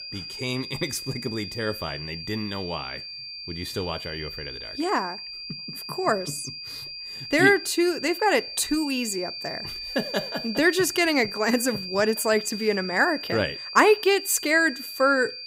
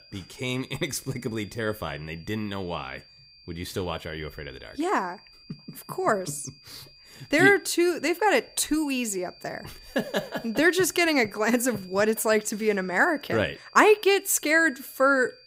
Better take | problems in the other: second | high-pitched whine; loud; throughout; 4.5 kHz, 10 dB below the speech; faint in the second

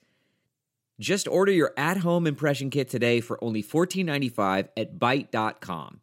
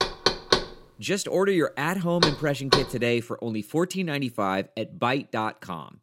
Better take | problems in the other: first | door banging; loud; until 3 s; peak 4 dB above the speech

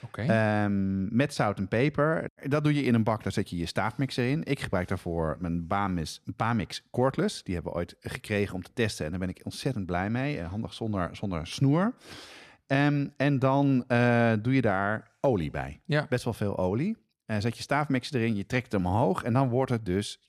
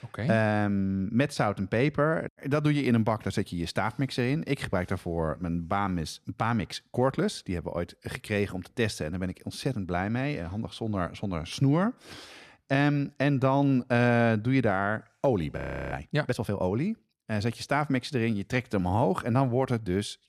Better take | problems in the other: first | audio freezing; at 16 s

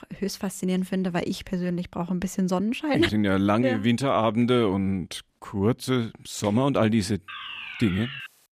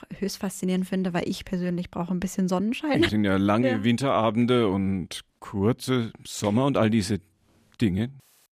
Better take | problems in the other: second | alarm; noticeable; at 7.5 s; peak 9 dB below the speech

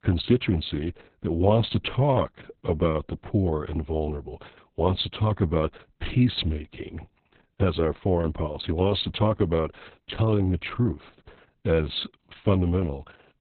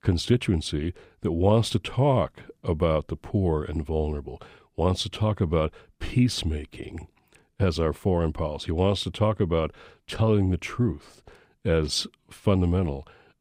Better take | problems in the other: second | garbled, watery; badly; nothing above 4 kHz

